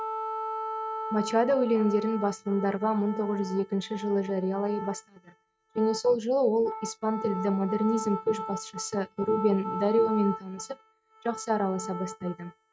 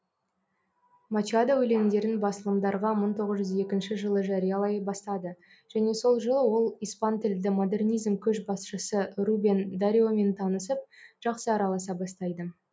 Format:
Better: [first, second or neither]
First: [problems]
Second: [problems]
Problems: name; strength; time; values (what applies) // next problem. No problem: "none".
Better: second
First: noise reduction (neural mask model RNNoise)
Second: none